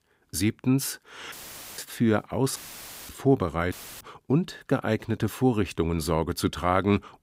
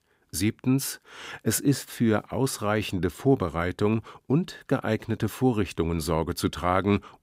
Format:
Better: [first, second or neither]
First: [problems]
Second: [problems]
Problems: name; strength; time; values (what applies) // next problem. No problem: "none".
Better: second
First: audio cutting out; filled with static; at 1.5 s, at 2.5 s for 0.5 s and at 3.5 s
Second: none